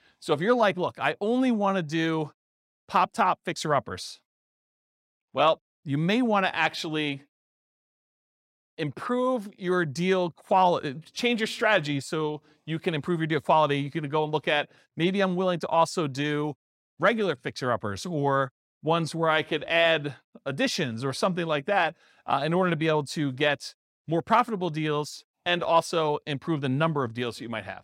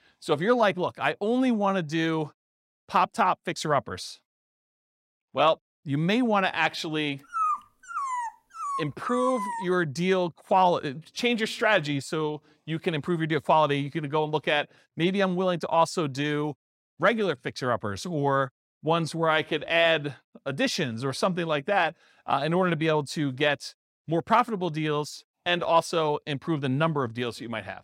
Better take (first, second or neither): first